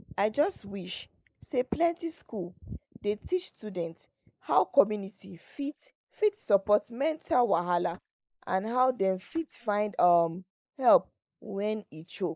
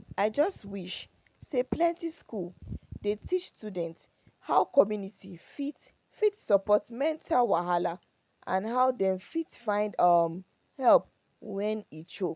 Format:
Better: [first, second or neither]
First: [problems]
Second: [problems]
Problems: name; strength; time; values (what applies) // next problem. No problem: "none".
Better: second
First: noise reduction (neural mask model Resemble Enhance denoiser)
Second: none